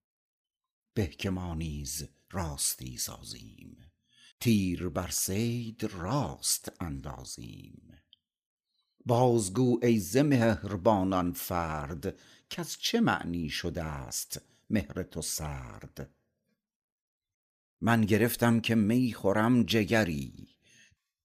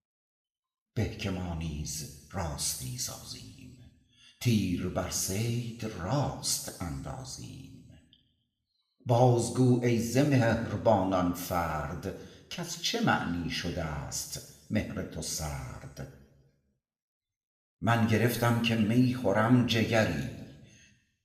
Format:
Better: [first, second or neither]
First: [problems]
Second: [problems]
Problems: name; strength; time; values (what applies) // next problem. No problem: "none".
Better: first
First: none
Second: room echo; slight; dies away in 1 s // off-mic speech; somewhat distant